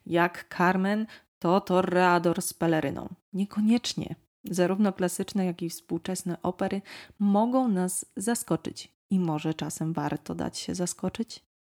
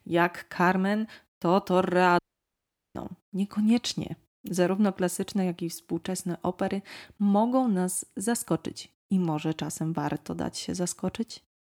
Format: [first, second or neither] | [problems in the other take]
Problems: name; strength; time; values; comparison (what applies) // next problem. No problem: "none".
first | audio cutting out; at 2 s for 1 s